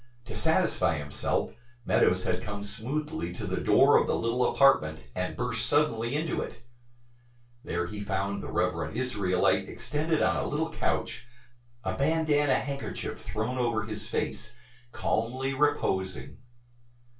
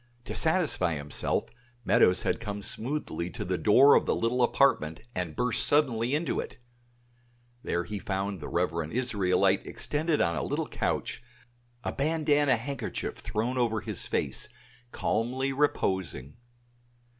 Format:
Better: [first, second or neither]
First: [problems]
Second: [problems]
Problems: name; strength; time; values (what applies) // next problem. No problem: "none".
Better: second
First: room echo; dies away in 0.2 s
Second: none